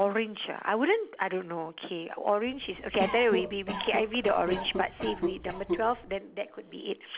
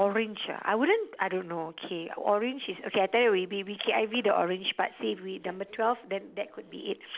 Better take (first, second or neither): second